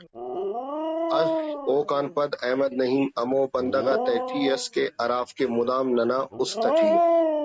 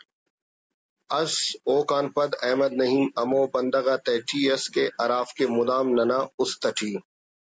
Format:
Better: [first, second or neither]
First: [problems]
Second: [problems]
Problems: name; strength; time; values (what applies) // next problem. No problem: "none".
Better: second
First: noise reduction (neural mask model RNNoise)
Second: none